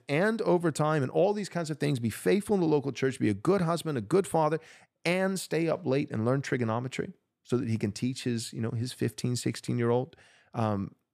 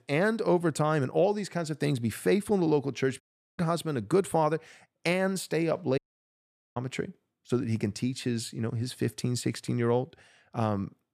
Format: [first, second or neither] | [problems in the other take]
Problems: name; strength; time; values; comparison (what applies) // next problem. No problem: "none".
first | audio cutting out; at 3 s and at 6 s for 1 s